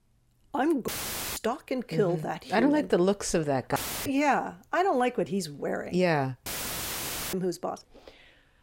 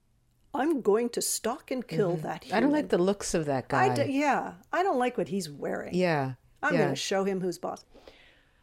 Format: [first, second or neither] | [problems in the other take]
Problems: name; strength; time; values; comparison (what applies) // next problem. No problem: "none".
second | audio cutting out; filled with static; at 1 s, at 4 s and at 6.5 s for 1 s